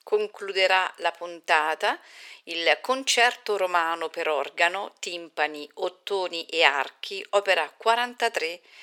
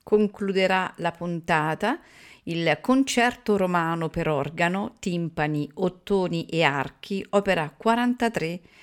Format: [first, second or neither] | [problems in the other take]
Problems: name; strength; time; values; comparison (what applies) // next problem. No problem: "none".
second | thin; very; fading below 450 Hz